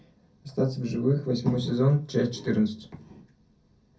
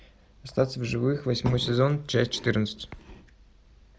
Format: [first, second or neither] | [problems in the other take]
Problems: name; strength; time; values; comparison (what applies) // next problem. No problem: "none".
second | room echo; dies away in 0.3 s